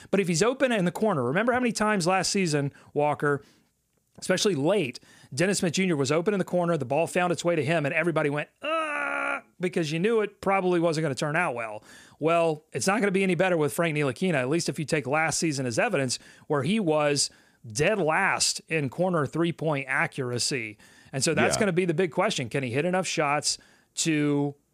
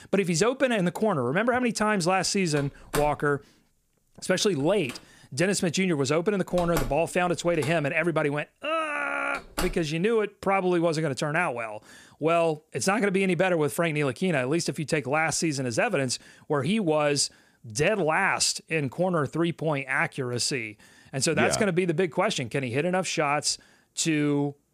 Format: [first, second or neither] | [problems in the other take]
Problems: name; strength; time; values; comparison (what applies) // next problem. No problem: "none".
first | door banging; noticeable; from 2.5 to 10 s; peak 8 dB below the speech